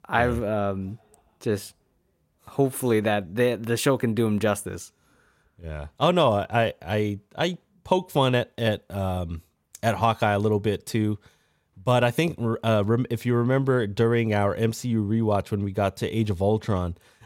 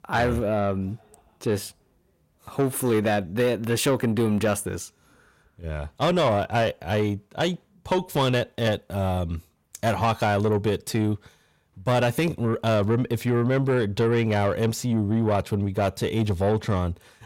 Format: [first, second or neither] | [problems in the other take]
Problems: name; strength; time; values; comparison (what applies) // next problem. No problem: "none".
first | distortion; slight; 10 dB below the speech